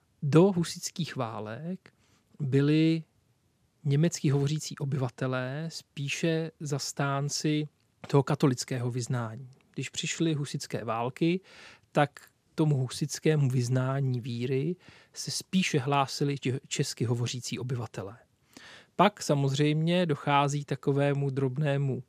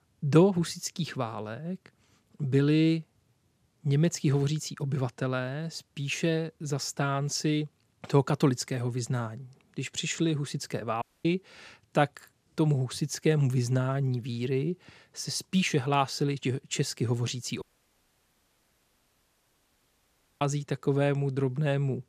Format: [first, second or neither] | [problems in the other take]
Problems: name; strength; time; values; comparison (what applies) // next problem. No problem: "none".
first | audio cutting out; at 11 s and at 18 s for 3 s